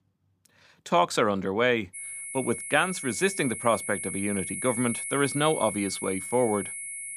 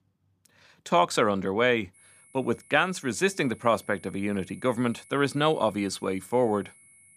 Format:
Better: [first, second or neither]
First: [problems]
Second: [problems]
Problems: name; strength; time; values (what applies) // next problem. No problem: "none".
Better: second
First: high-pitched whine; loud; from 2 s on; 10.5 kHz, 6 dB below the speech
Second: high-pitched whine; faint; from 2 s on; 10.5 kHz, 25 dB below the speech